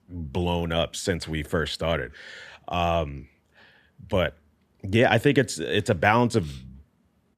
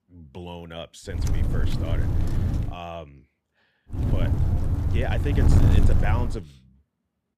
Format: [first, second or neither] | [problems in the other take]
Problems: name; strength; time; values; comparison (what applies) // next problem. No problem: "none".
first | wind noise on the microphone; heavy; from 1 to 2.5 s and from 4 to 6.5 s; as loud as the speech